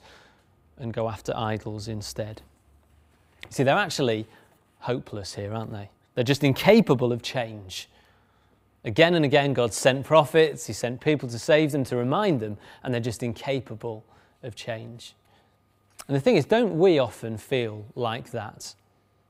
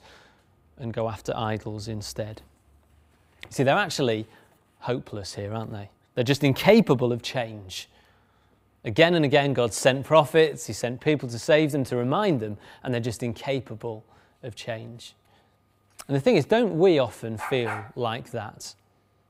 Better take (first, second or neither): first